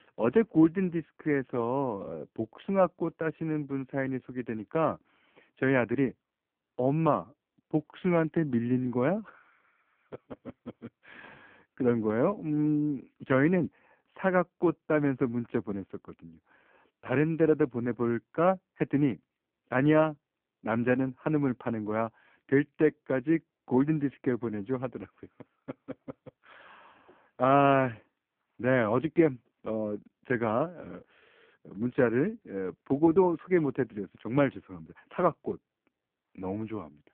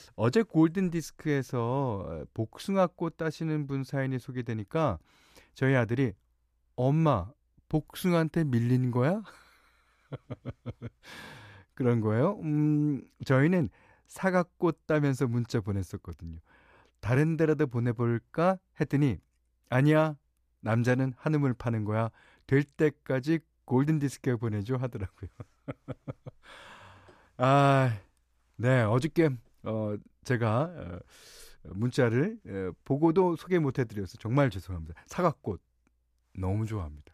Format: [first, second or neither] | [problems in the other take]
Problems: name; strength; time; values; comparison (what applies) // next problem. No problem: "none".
second | phone-call audio; poor line